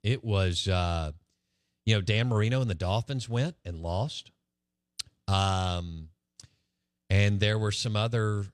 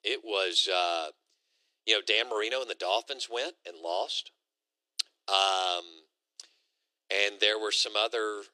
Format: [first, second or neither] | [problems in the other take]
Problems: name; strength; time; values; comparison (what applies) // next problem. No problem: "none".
first | thin; very; fading below 350 Hz